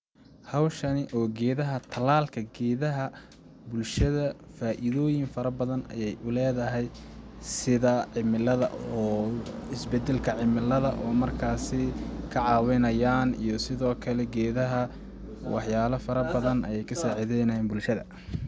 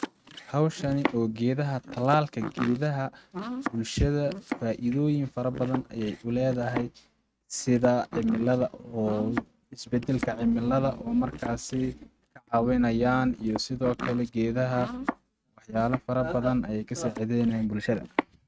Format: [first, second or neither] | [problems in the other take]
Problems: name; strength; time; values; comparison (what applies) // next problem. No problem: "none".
first | noise reduction (neural mask model RNNoise)